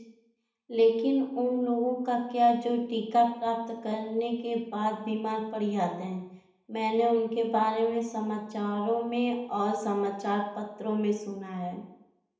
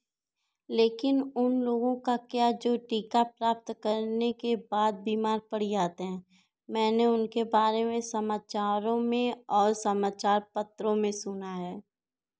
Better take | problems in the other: second | room echo; dies away in 0.8 s

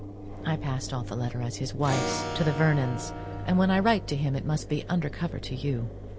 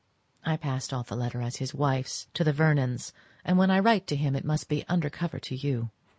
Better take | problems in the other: second | background sound (Engine + Acoustic guitar / Strum); 7 dB below the speech

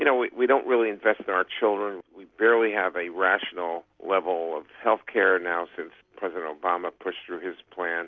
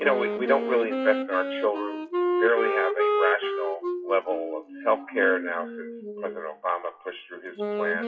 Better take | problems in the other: first | noise reduction (classical method WPE with log-MMSE)

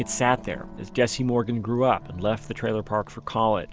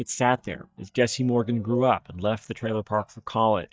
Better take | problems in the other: first | noise reduction (neural mask model DeepFilterNet 3)

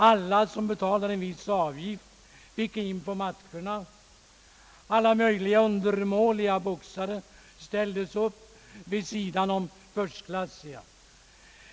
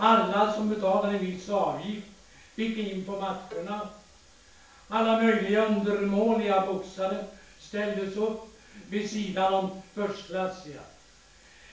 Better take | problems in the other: first | background sound (Bowed string instrument); 19 dB below the speech // room echo; dies away in 0.5 s

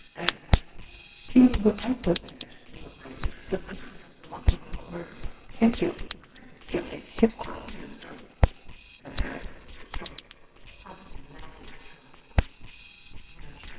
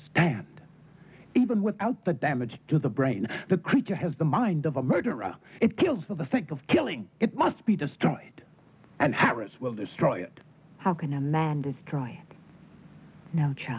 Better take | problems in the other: second | noise reduction (neural separator model SepFormer WHAMR!)

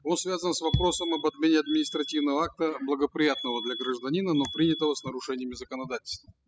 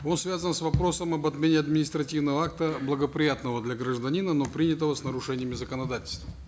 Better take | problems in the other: second | noise reduction (classical method spectral subtraction)

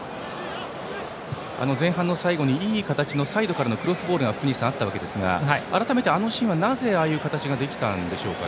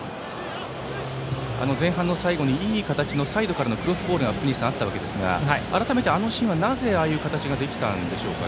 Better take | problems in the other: first | background sound (Guitar); 9 dB below the speech

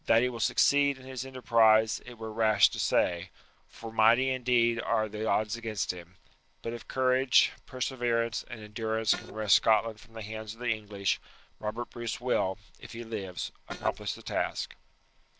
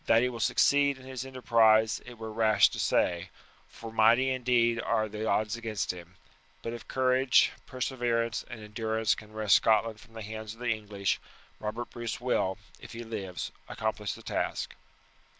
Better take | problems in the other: second | noise reduction (neural separator model SepFormer DNS4)

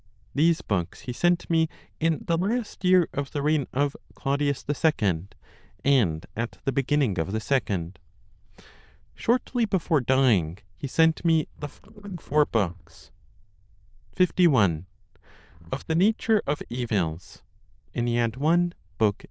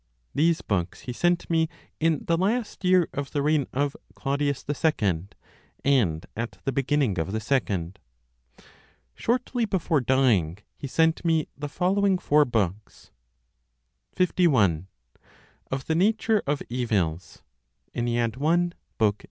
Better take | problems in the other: second | noise reduction (neural diffusion model UNIVERSE++)

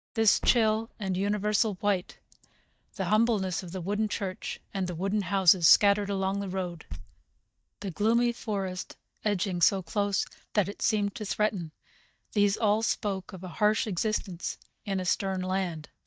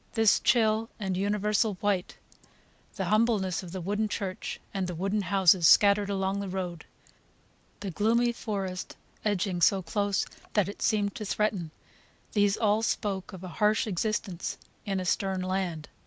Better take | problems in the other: second | noise reduction (neural mask model DeepFilterNet 3)

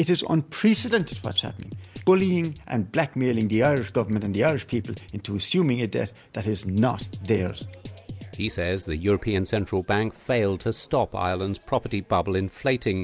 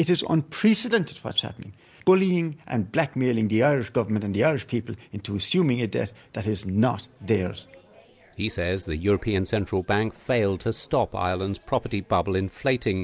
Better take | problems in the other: second | background sound (Drum kit); 15 dB below the speech

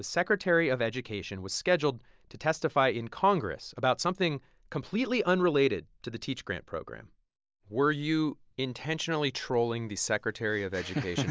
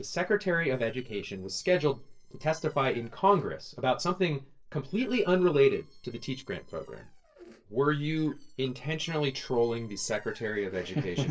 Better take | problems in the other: first | noise reduction (neural separator model SepFormer DNS4)

